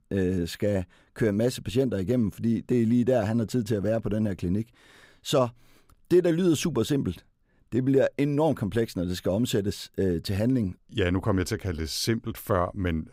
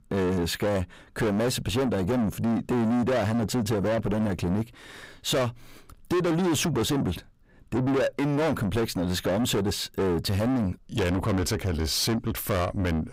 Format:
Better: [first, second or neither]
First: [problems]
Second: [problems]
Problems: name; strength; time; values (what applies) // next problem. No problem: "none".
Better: first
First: none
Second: distortion; heavy; 6 dB below the speech